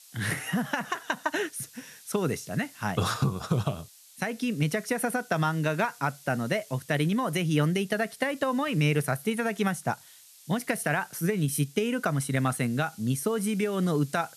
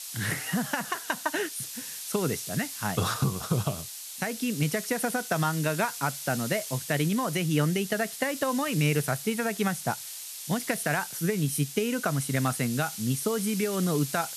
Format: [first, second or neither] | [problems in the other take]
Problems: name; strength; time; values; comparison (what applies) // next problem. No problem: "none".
first | hiss; loud; throughout; 7 dB below the speech; faint in the first